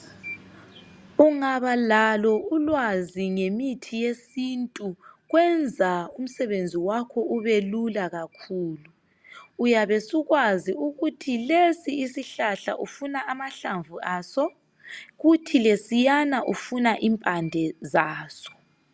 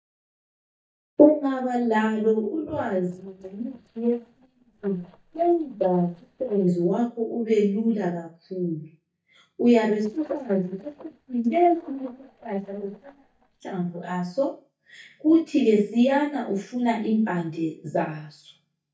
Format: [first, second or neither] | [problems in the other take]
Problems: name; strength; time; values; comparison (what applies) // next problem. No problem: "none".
first | noise reduction (neural mask model DeepFilterNet 3)